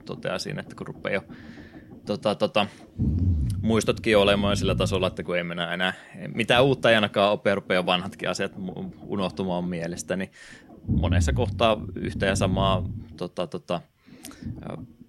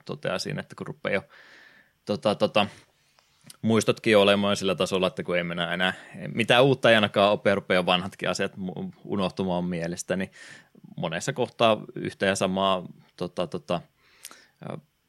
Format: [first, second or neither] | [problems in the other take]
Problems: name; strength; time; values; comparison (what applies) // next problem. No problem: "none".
second | low rumble; noticeable; throughout; 20 dB below the speech